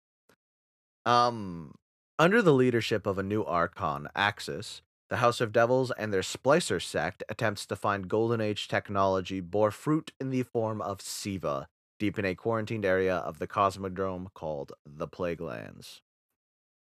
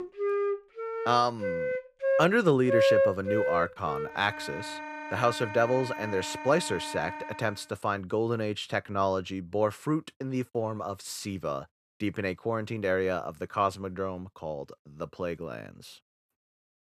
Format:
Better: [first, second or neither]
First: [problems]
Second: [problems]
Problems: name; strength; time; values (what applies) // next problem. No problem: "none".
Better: first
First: none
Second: background music; loud; until 7.5 s; 1 dB below the speech